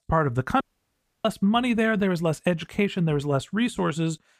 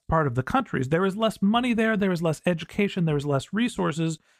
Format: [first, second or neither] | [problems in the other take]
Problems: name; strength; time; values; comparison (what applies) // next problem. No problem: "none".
second | audio cutting out; at 0.5 s for 0.5 s